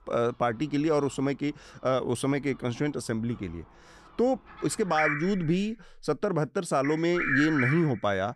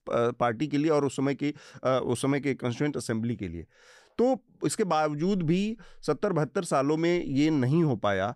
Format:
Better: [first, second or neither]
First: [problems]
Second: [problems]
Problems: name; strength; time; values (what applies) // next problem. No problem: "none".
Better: second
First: animal sounds; loud; throughout; 2 dB below the speech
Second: none